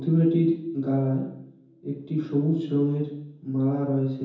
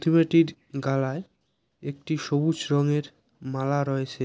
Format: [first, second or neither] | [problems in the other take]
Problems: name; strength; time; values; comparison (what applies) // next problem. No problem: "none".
second | room echo; dies away in 0.9 s